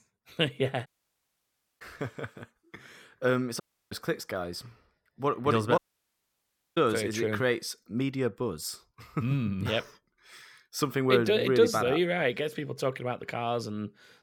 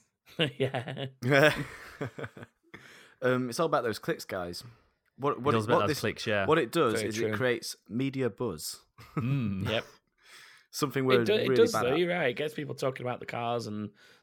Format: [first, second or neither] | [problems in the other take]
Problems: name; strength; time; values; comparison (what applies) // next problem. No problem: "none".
second | audio cutting out; at 1 s for 1 s, at 3.5 s and at 6 s for 1 s